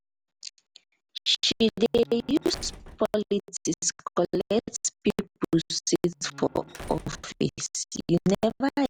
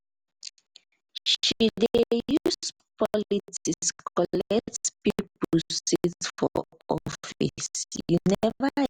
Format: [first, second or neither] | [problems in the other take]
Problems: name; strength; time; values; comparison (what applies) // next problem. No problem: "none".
second | background sound (Slam); 17 dB below the speech